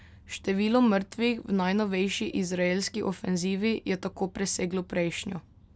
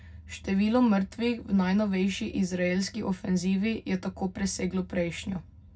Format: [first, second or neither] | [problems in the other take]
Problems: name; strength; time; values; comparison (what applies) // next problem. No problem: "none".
first | room echo; dies away in 0.4 s